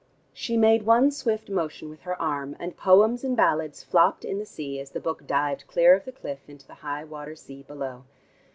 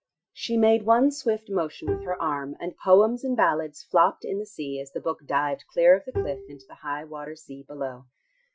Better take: first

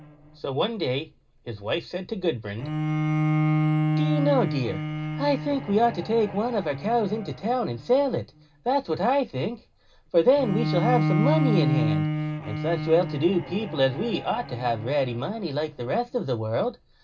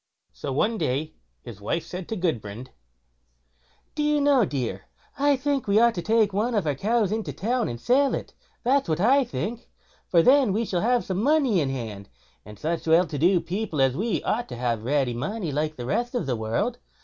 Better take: second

